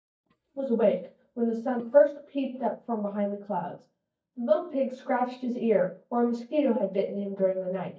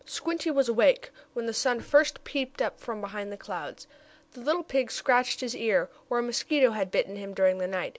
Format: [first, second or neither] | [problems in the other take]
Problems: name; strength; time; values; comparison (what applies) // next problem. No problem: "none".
second | noise reduction (neural mask model DeepFilterNet 3)